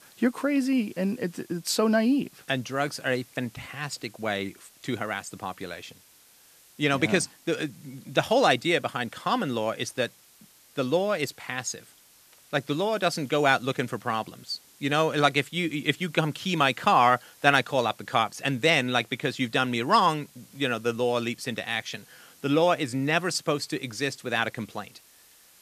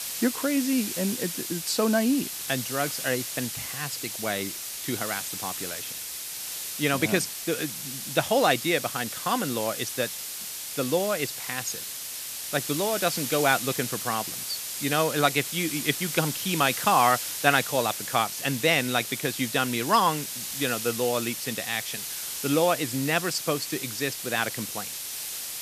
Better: first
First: hiss; faint; throughout; 25 dB below the speech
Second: hiss; loud; throughout; 5 dB below the speech

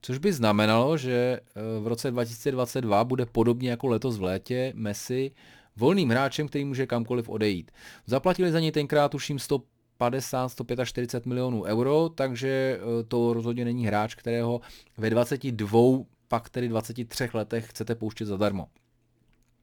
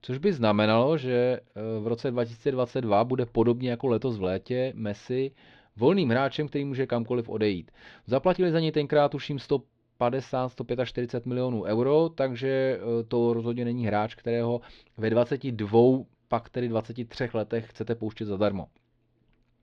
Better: first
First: none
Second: muffled; very slightly; fading above 4 kHz

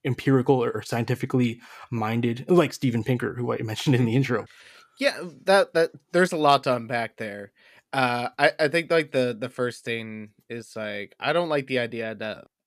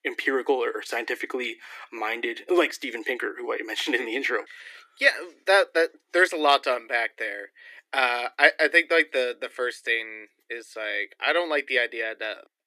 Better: first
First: none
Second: thin; very; fading below 300 Hz

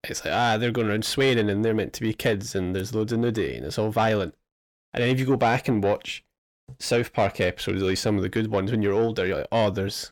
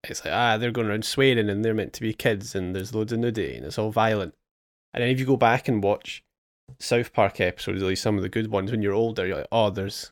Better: second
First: distortion; slight; 10 dB below the speech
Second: none

